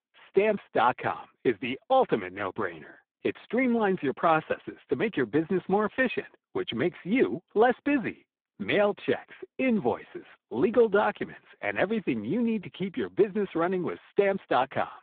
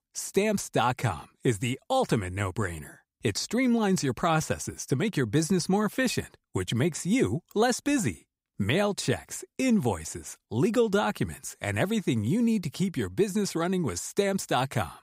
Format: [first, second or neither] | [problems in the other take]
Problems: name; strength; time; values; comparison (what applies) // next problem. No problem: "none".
second | phone-call audio; poor line